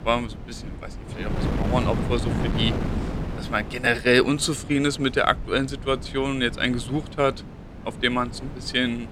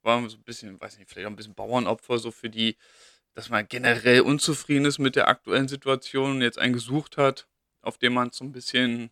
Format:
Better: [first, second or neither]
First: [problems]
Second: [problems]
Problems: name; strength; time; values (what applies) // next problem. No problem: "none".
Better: second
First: wind noise on the microphone; occasional gusts; 15 dB below the speech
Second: none